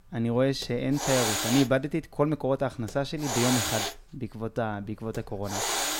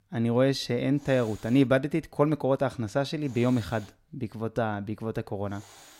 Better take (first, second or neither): second